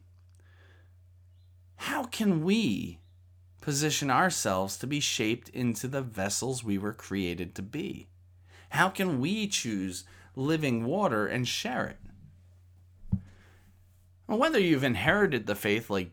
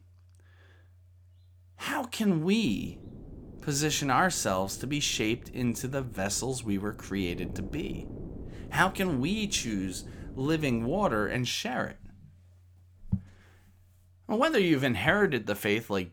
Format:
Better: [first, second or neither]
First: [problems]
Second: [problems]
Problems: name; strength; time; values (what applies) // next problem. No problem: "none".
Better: first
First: none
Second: wind noise on the microphone; occasional gusts; from 2.5 to 11 s; 20 dB below the speech